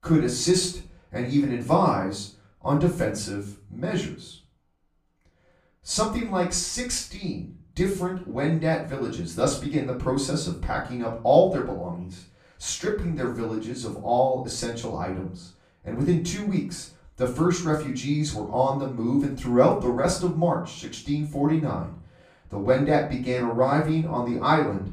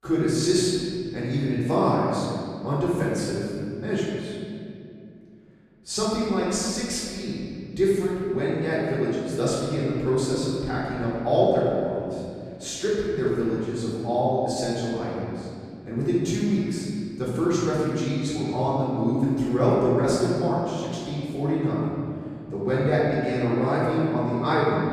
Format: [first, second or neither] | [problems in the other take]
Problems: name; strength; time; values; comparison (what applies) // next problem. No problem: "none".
first | room echo; strong; dies away in 2.3 s; slight in the first // off-mic speech; far; far in the first